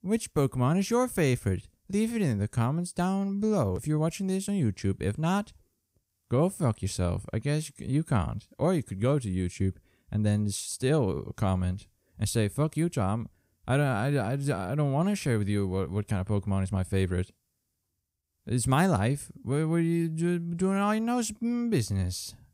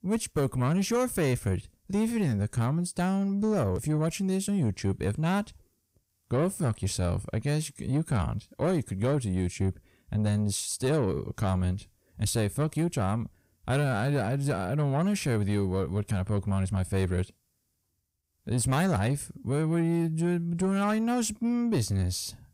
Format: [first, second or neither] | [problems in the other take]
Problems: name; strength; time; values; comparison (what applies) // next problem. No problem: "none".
first | distortion; slight; 10 dB below the speech